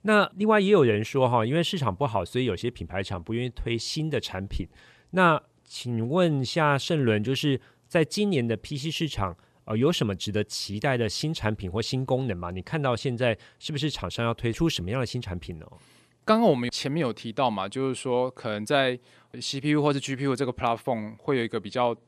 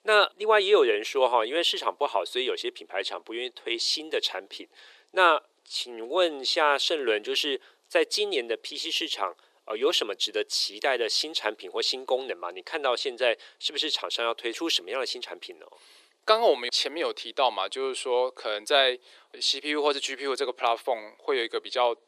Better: first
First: none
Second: thin; very; fading below 350 Hz

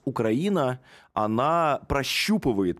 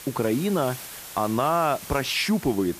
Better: first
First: none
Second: hiss; noticeable; throughout; 15 dB below the speech

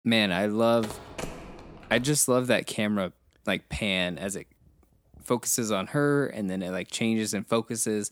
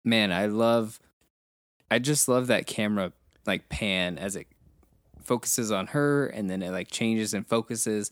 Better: second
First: phone ringing; faint; from 1 to 2 s; peak 10 dB below the speech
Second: none

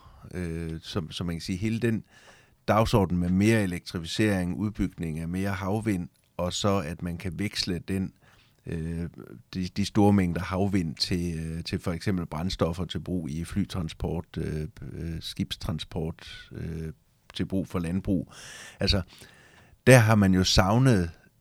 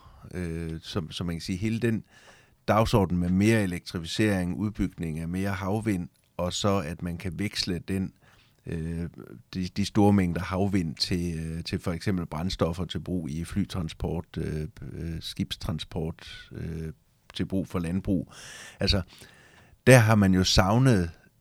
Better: neither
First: none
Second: none

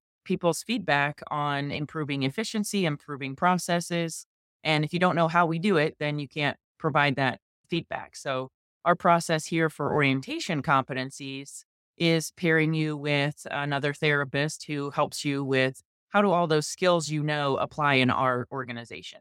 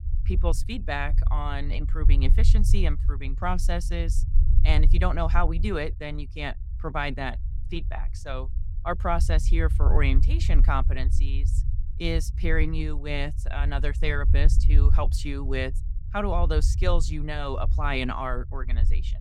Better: first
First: none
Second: low rumble; noticeable; throughout; 15 dB below the speech

